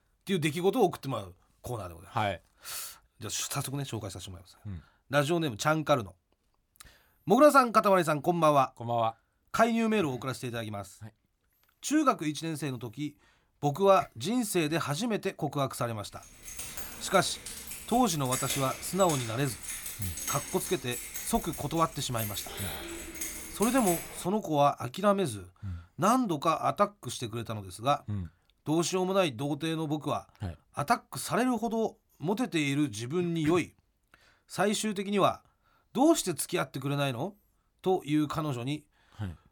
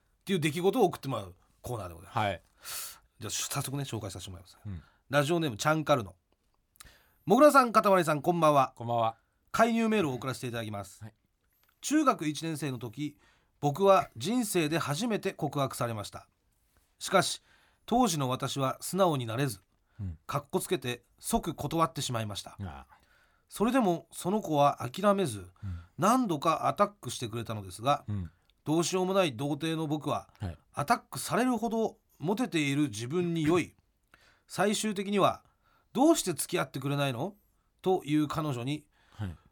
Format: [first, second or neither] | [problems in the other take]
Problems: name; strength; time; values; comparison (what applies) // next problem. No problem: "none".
second | jangling keys; noticeable; from 16 to 24 s; peak 3 dB below the speech